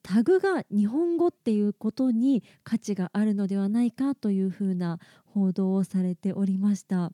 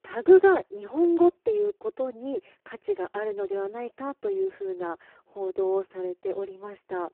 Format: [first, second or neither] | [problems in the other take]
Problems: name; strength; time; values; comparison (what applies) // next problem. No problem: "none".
first | phone-call audio; poor line